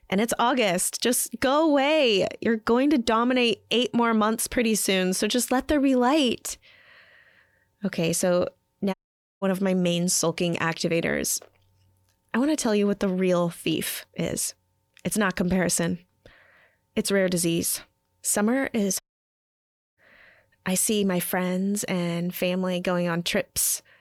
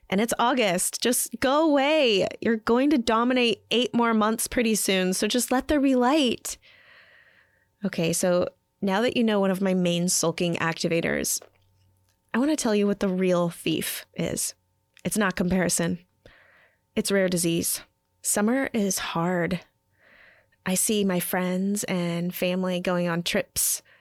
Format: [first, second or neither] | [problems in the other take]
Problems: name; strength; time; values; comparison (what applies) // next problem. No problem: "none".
second | audio cutting out; at 9 s and at 19 s for 1 s